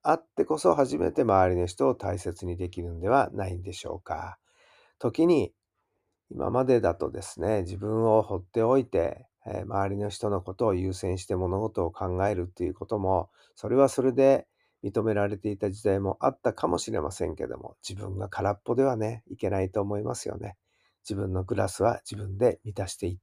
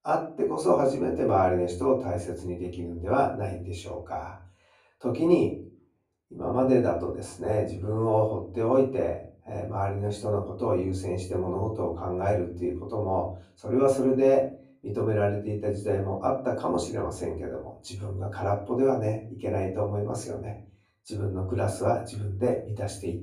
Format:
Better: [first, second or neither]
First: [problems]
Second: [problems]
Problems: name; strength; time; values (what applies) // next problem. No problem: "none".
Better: first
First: none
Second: room echo; slight; dies away in 0.4 s // off-mic speech; far